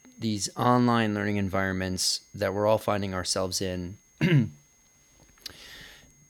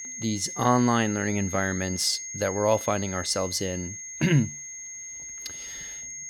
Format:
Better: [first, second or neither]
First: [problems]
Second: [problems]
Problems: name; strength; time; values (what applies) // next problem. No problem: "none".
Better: first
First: high-pitched whine; faint; throughout; 6.5 kHz, 30 dB below the speech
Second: high-pitched whine; loud; throughout; 6.5 kHz, 9 dB below the speech